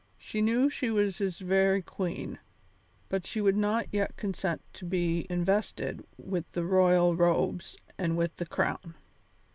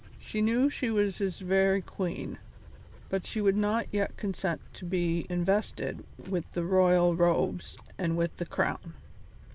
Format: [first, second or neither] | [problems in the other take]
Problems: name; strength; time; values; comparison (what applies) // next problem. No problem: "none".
first | background sound (Dog); 18 dB below the speech